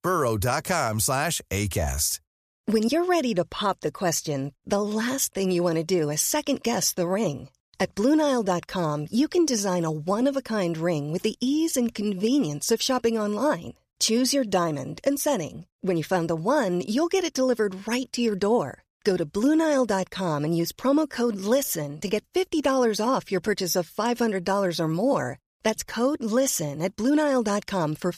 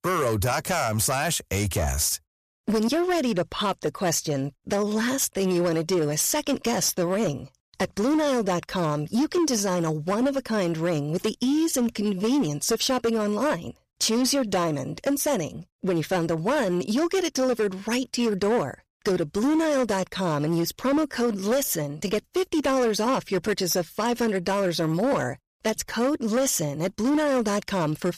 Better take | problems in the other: first | distortion; slight; 13% of the sound clipped

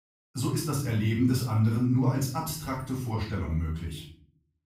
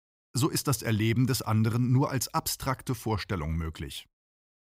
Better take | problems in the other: second | off-mic speech; far // room echo; noticeable; dies away in 0.5 s

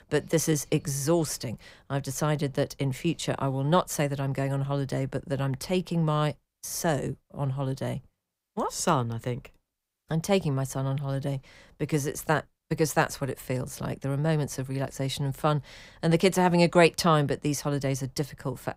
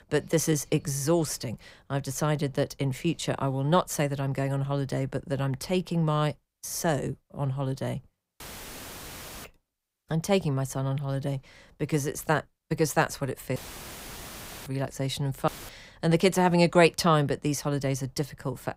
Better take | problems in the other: first | audio cutting out; filled with static; at 8.5 s for 1 s, at 14 s for 1 s and at 15 s

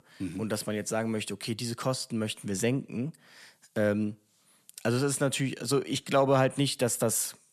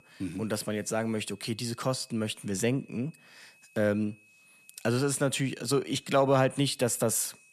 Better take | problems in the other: first | high-pitched whine; faint; throughout; 2.5 kHz, 30 dB below the speech

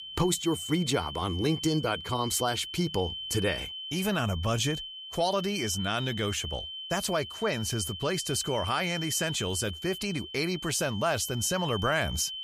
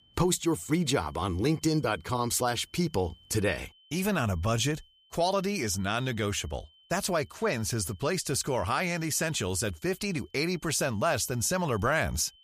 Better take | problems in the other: second | high-pitched whine; loud; throughout; 3 kHz, 7 dB below the speech; faint in the second

